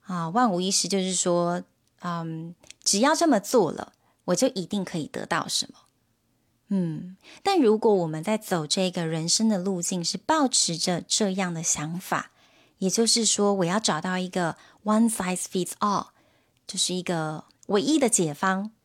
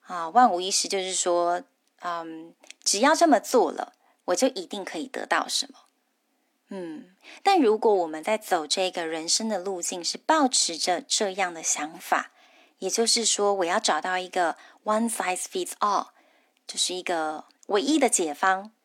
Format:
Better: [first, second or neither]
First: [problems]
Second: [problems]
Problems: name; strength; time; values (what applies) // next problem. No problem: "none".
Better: first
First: none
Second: thin; somewhat; fading below 250 Hz